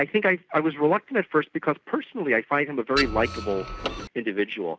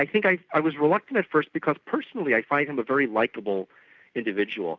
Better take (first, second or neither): second